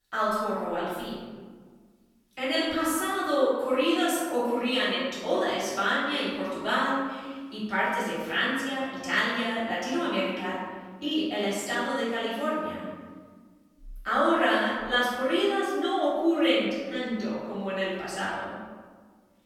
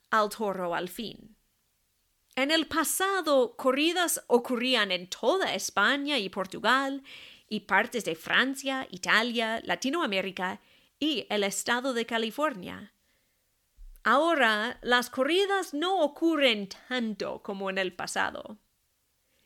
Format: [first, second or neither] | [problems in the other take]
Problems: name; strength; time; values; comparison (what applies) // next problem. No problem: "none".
second | off-mic speech; far // room echo; strong; dies away in 1.4 s